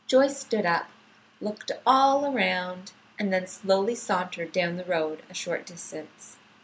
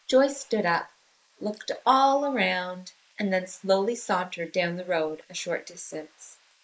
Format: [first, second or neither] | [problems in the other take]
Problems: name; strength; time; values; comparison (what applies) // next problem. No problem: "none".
first | noise reduction (neural mask model Resemble Enhance denoiser)